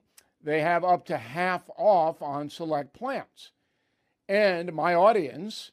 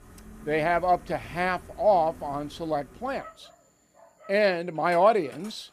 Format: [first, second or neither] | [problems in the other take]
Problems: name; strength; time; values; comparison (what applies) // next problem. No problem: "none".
first | animal sounds; faint; throughout; 25 dB below the speech